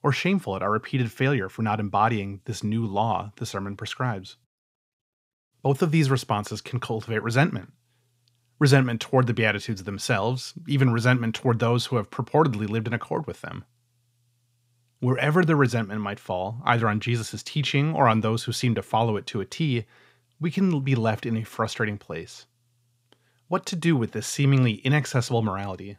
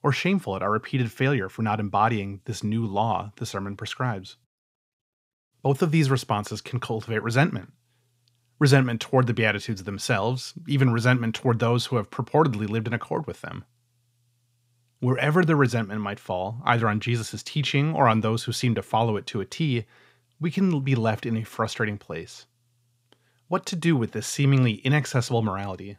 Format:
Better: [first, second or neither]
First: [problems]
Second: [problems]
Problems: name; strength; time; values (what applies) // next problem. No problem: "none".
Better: neither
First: none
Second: none